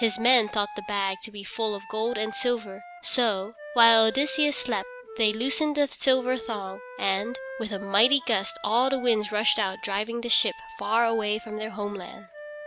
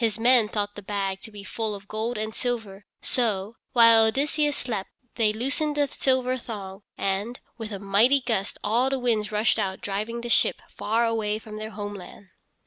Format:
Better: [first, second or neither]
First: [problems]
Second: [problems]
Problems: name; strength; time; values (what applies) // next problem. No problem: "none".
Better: second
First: background sound (Wind instrument, woodwind instrument); 14 dB below the speech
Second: none